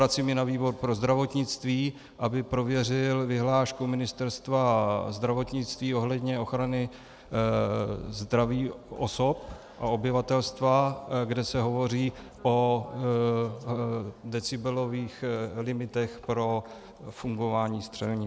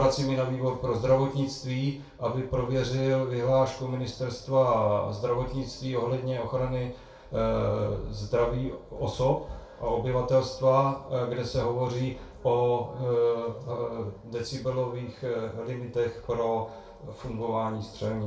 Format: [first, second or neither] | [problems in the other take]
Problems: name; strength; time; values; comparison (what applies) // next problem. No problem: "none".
first | room echo; dies away in 0.3 s